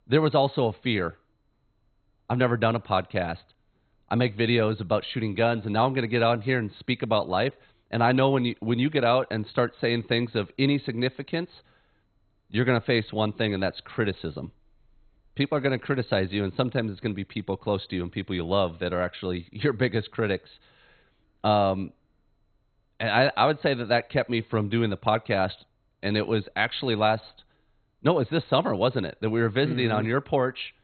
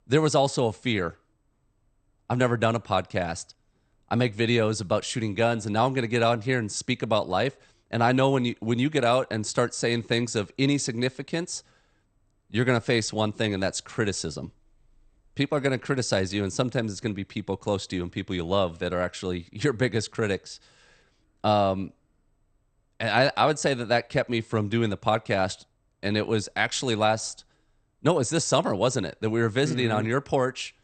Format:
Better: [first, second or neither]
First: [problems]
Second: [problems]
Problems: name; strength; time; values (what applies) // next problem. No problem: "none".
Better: second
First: garbled, watery; badly; nothing above 4 kHz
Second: garbled, watery; slightly; nothing above 8.5 kHz